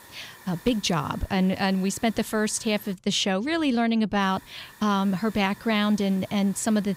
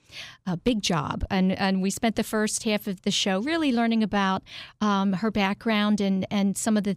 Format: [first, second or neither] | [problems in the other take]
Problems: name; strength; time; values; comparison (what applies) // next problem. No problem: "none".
second | hiss; faint; until 3 s and from 4 s on; 25 dB below the speech